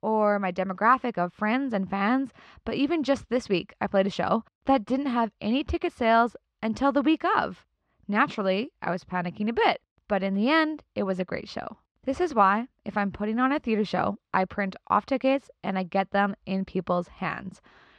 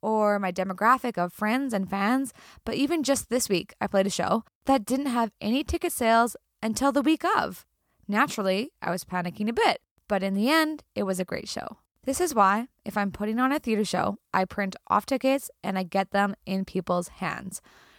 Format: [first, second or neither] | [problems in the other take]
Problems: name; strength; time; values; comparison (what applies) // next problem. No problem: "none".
second | muffled; slightly; fading above 3.5 kHz